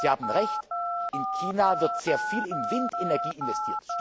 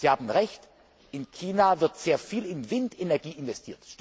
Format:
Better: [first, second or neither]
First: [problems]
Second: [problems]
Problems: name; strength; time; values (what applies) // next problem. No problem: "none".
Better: second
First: background sound (Telephone); 1 dB below the speech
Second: none